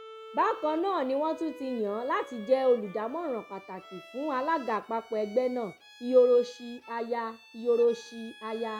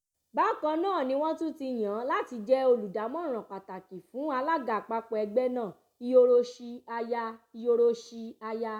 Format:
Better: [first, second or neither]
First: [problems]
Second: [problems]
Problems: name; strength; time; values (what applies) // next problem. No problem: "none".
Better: second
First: background sound (Bowed string instrument); 20 dB below the speech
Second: none